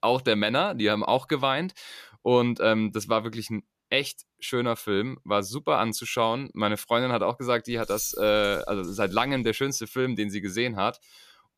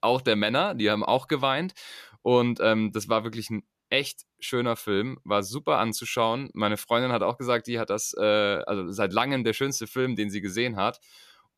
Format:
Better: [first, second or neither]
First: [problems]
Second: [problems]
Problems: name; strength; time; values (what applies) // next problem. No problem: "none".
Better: second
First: jangling keys; noticeable; from 7.5 to 9.5 s; peak 9 dB below the speech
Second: none